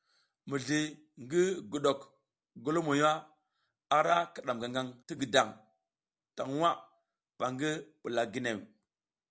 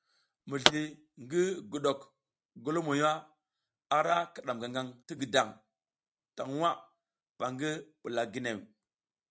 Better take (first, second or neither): first